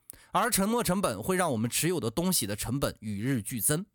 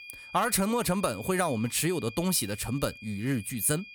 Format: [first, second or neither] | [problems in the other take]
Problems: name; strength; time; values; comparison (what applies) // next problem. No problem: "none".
first | high-pitched whine; noticeable; throughout; 2.5 kHz, 15 dB below the speech